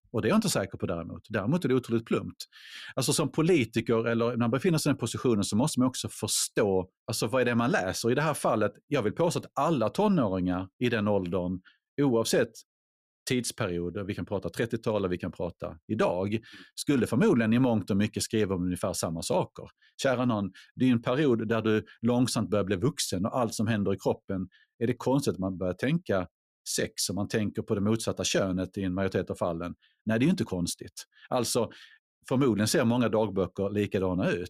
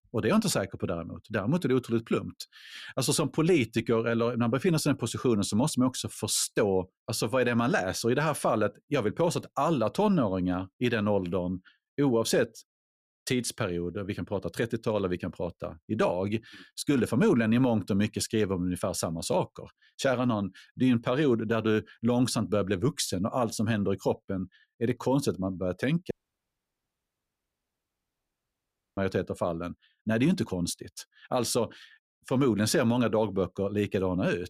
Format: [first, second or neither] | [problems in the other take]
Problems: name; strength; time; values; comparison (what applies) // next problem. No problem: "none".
first | audio cutting out; at 26 s for 3 s